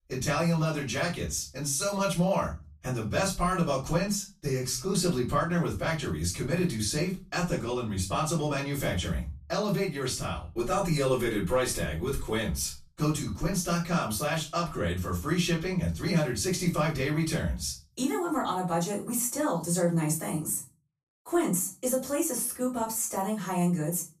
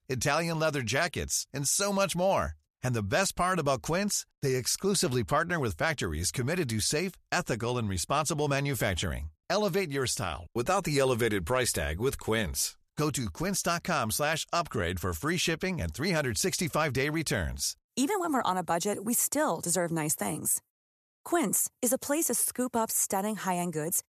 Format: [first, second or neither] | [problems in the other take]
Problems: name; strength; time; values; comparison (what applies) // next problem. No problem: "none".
second | off-mic speech; far // room echo; slight; dies away in 0.3 s